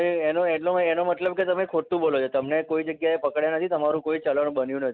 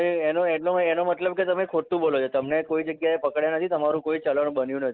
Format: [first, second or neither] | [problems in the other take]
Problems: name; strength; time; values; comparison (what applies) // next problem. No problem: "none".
first | noise reduction (neural mask model Resemble Enhance denoiser)